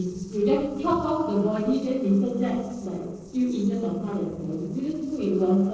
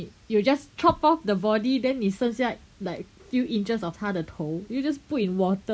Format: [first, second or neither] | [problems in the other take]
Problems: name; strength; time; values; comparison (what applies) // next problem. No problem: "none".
second | noise reduction (neural separator model SepFormer DNS4)